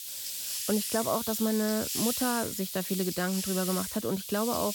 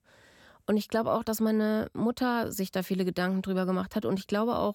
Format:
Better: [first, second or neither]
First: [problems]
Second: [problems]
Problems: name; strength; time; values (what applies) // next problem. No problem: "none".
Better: second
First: hiss; loud; throughout; 2 dB below the speech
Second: none